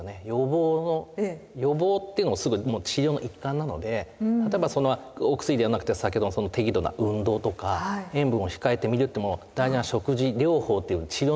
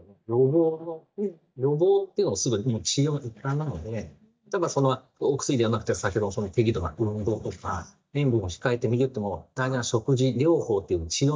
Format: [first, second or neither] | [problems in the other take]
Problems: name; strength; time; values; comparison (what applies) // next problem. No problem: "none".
first | noise reduction (neural mask model DeepFilterNet 3)